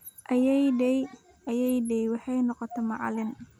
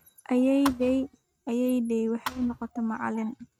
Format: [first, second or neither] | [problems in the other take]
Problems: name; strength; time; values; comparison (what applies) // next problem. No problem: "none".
first | noise reduction (neural mask model RNNoise)